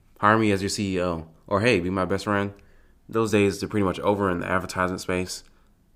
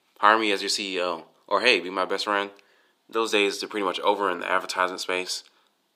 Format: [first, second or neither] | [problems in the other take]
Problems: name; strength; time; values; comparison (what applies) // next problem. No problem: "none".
first | thin; somewhat; fading below 350 Hz